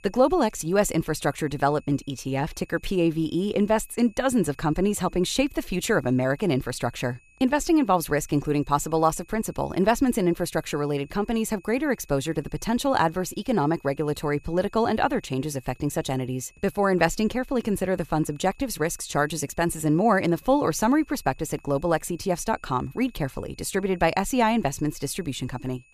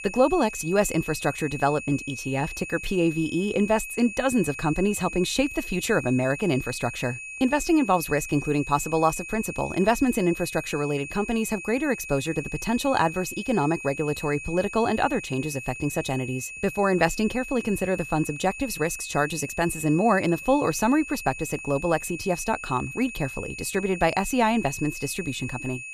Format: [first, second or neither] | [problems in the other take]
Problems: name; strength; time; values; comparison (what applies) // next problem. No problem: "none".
first | high-pitched whine; loud; throughout; 2.5 kHz, 10 dB below the speech; faint in the first